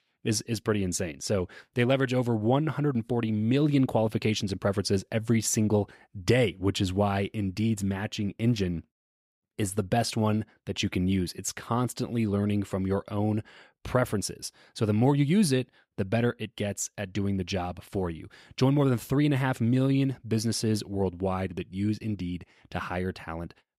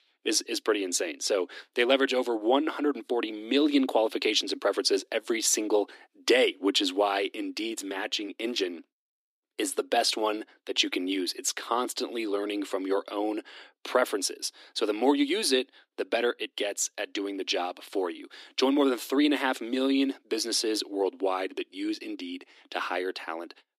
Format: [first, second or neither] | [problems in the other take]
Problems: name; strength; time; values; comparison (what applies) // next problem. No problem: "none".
first | thin; somewhat; fading below 250 Hz